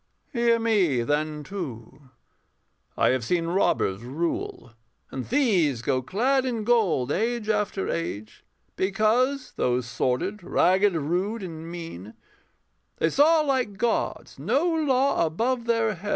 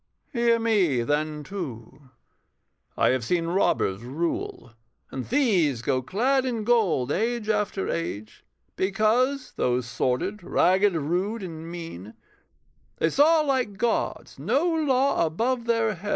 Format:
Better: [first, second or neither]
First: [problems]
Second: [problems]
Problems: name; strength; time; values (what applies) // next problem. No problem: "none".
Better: first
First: none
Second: noise reduction (neural mask model Resemble Enhance denoiser)